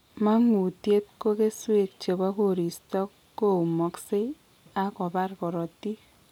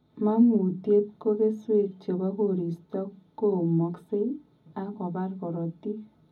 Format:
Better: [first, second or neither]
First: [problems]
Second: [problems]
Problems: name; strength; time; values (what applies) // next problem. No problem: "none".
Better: first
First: none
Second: room echo; dies away in 0.4 s